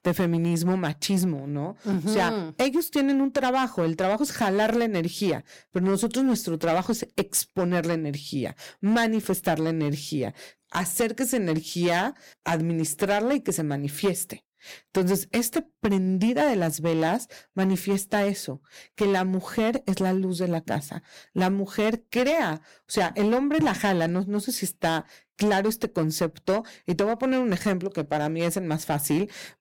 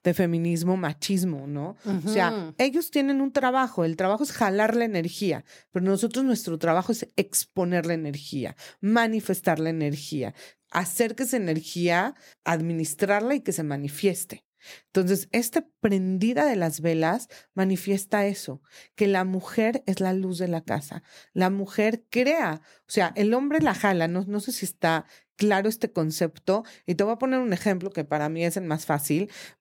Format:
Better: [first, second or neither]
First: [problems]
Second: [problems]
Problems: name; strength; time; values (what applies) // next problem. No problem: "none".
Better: second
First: distortion; slight; 7% of the sound clipped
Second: none